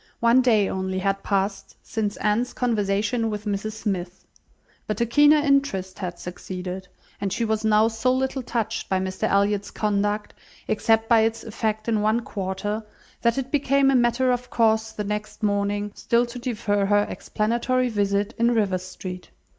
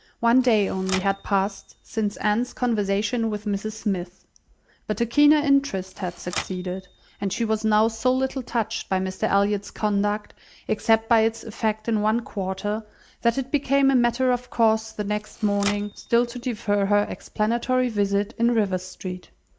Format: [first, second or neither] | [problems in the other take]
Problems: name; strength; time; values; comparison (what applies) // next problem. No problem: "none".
first | background sound (Typewriter); 16 dB below the speech